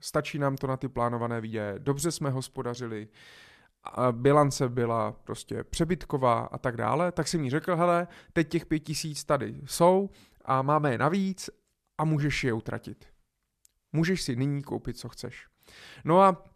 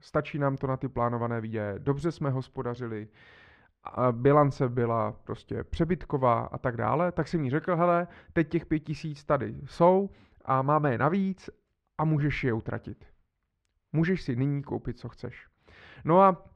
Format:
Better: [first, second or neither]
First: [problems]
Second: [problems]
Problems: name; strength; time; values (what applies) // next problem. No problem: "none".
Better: first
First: none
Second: muffled; slightly; fading above 2.5 kHz